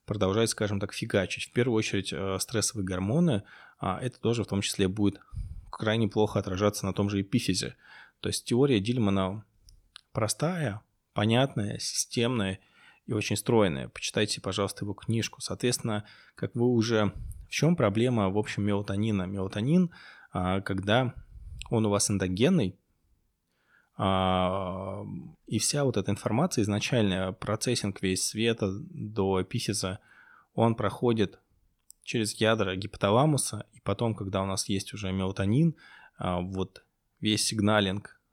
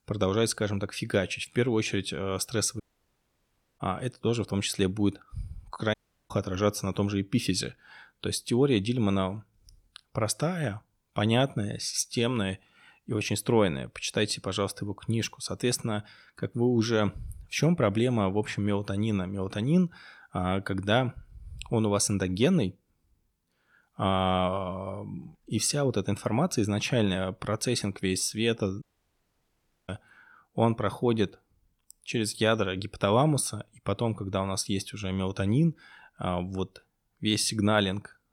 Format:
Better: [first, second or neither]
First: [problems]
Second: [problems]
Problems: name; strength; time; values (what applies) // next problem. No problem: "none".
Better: first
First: none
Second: audio cutting out; at 3 s for 1 s, at 6 s and at 29 s for 1 s